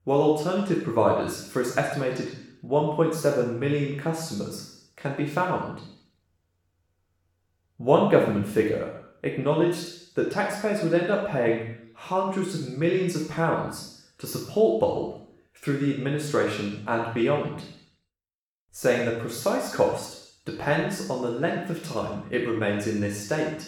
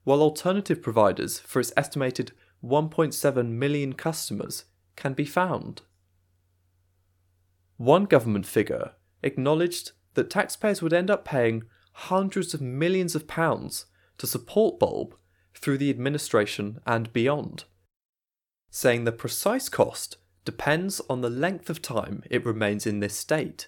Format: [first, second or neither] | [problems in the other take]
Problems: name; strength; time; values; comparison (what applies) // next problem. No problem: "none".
second | room echo; noticeable; dies away in 0.7 s // off-mic speech; far